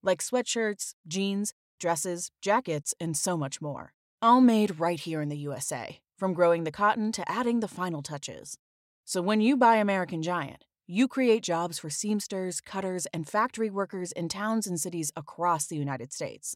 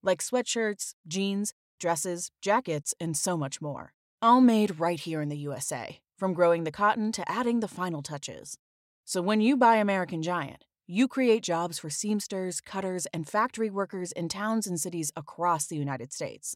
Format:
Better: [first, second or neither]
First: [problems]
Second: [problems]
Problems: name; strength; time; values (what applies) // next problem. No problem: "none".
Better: neither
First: none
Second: none